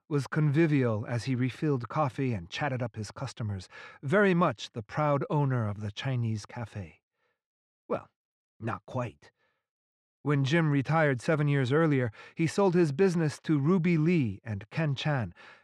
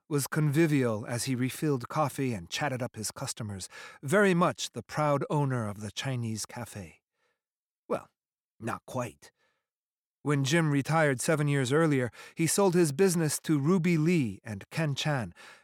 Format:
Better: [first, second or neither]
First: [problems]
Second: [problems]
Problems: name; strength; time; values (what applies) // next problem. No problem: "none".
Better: second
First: muffled; slightly; fading above 3.5 kHz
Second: none